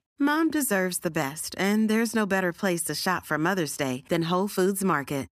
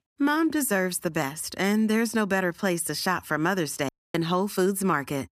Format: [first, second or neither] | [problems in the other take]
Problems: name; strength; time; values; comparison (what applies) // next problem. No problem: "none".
first | audio cutting out; at 4 s